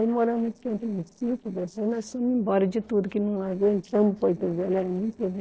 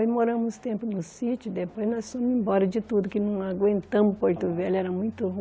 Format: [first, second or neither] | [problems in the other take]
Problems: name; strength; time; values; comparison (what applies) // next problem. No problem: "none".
second | noise reduction (neural separator model SepFormer DNS4)